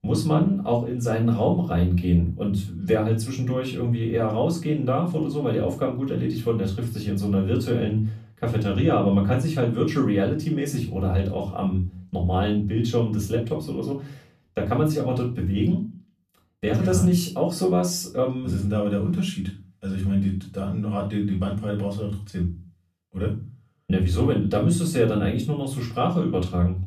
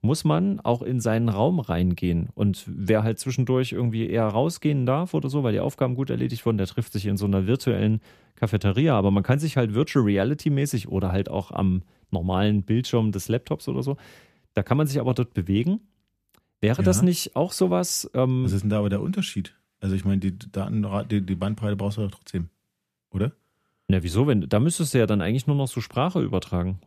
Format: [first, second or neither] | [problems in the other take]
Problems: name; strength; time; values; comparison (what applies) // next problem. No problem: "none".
second | off-mic speech; far // room echo; slight; dies away in 0.3 s